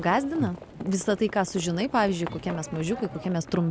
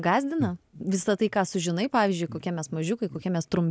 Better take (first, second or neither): second